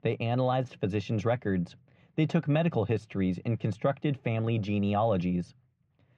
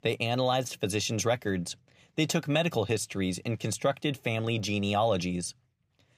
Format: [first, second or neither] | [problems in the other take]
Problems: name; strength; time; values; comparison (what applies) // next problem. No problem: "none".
second | muffled; very; fading above 2 kHz